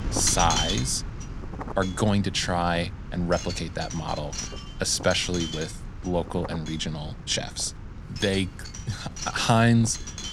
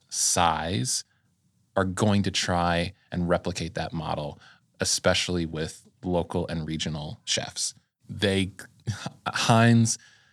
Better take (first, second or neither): second